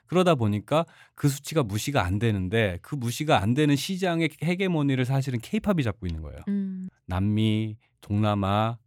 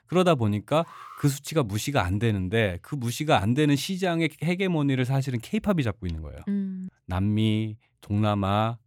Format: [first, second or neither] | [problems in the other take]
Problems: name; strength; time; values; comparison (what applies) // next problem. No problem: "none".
first | alarm; faint; at 1 s; peak 20 dB below the speech